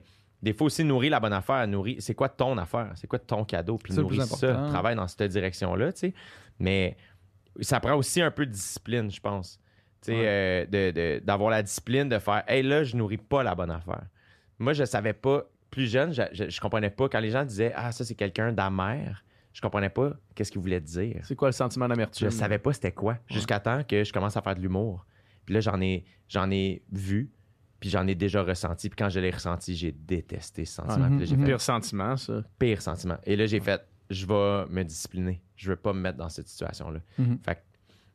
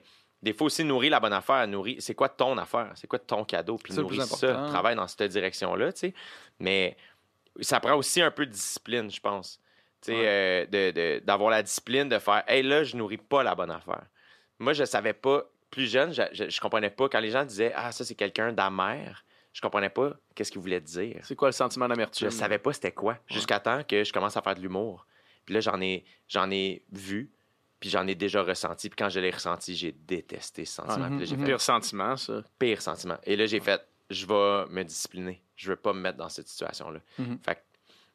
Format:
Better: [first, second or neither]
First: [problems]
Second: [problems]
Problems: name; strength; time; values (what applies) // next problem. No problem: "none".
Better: first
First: none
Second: thin; somewhat; fading below 300 Hz